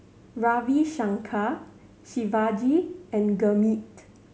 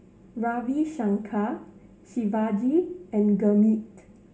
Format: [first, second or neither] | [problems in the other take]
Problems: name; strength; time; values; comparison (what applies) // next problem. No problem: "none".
first | room echo; dies away in 0.2 s